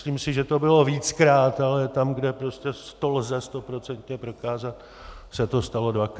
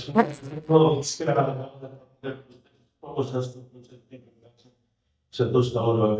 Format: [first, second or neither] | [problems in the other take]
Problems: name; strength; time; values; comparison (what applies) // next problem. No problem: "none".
first | noise reduction (neural mask model DeepFilterNet 3)